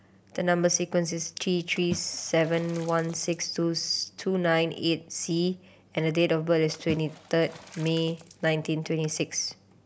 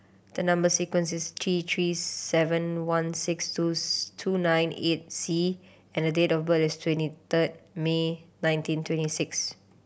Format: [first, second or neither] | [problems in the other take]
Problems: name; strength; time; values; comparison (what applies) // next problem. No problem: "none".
second | background sound (Water / Splash, splatter); 16 dB below the speech